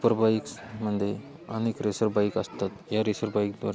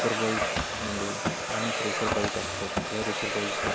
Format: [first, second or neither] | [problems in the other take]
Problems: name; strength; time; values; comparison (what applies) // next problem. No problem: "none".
first | background sound (Domestic sounds, home sounds); 4 dB above the speech